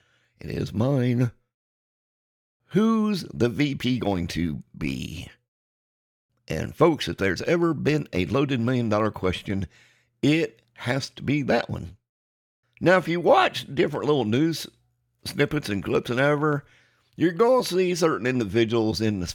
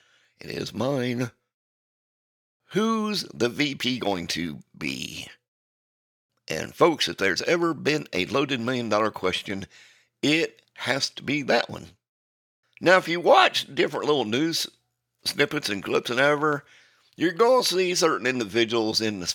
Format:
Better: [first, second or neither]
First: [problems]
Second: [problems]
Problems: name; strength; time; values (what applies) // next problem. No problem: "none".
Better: first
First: none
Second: thin; very slightly; fading below 500 Hz